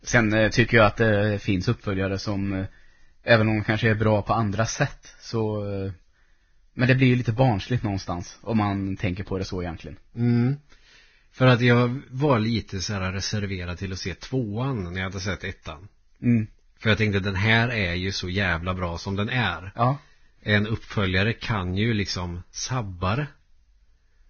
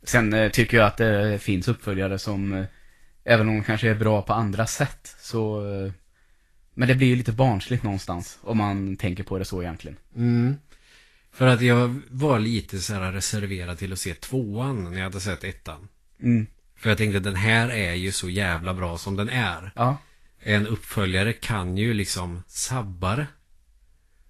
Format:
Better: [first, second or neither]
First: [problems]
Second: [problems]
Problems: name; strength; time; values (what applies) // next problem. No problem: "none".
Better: second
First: garbled, watery; badly; nothing above 6.5 kHz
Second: garbled, watery; slightly; nothing above 12.5 kHz